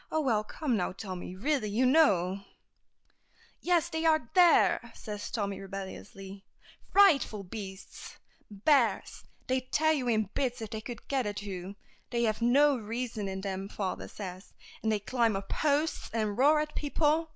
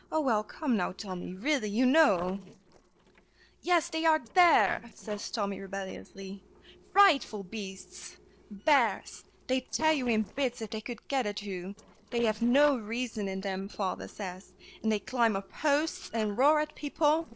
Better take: first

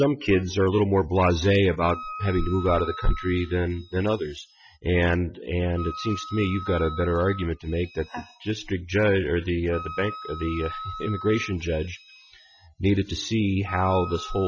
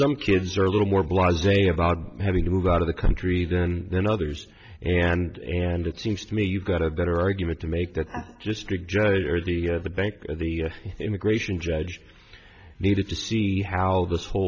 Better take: second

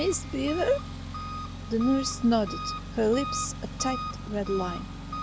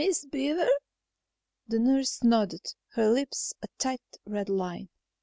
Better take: second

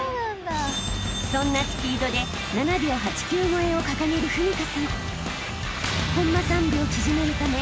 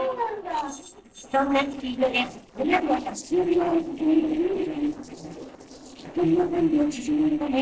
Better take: first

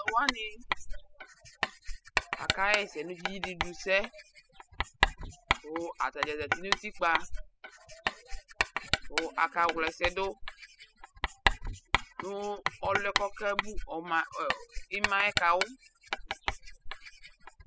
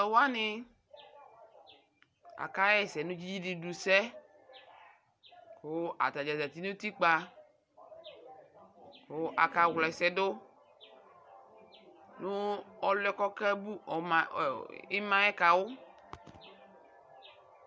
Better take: second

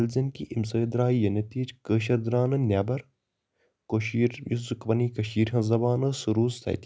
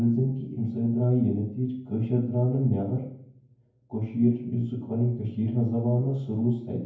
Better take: first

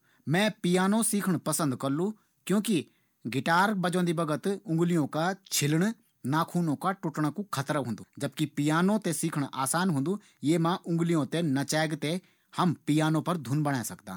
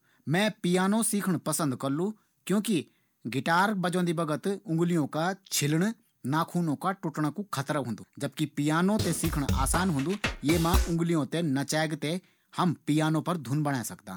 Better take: first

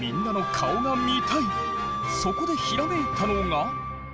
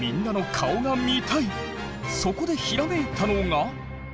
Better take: second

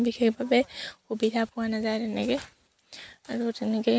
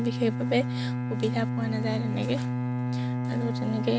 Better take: first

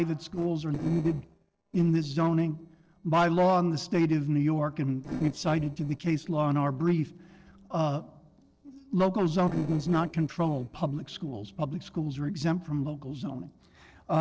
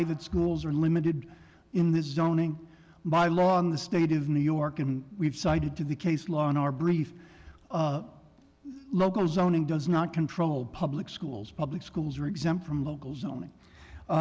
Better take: second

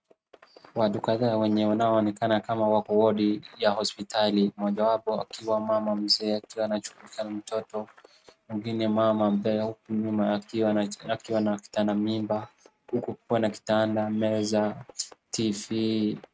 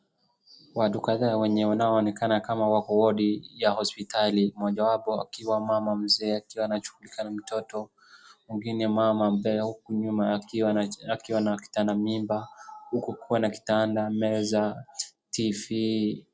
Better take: second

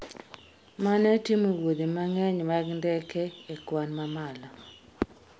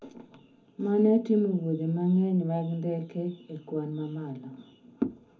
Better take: first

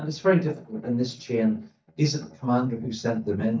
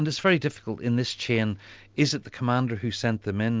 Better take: second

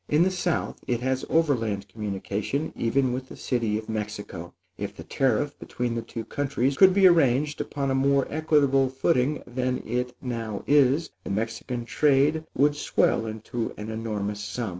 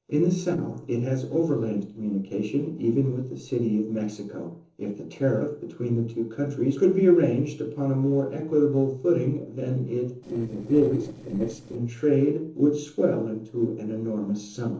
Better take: first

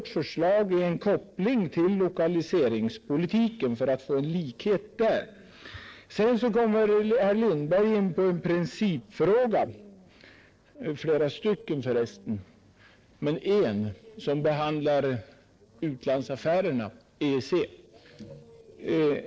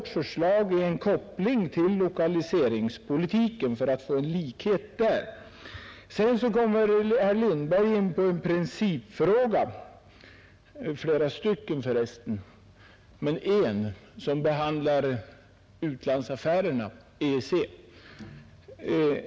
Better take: second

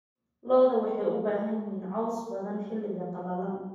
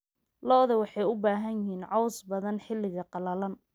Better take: second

